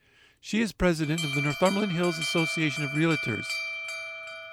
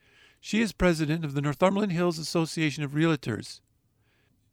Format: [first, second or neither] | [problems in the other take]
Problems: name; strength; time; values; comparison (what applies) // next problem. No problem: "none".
second | alarm; noticeable; from 1 s on; peak level with the speech